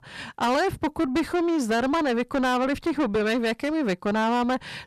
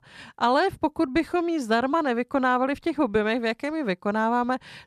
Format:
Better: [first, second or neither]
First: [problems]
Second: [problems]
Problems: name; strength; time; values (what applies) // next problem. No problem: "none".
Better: second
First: distortion; heavy; 7 dB below the speech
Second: none